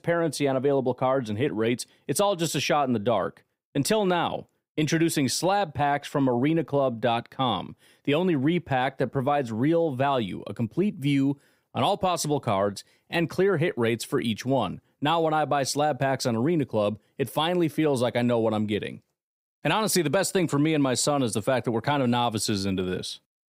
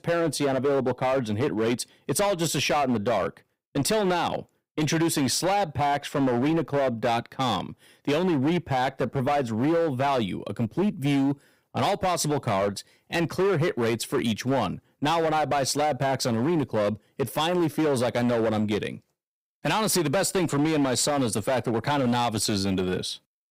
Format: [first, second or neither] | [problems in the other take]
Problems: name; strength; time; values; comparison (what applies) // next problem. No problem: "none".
first | distortion; slight; 15% of the sound clipped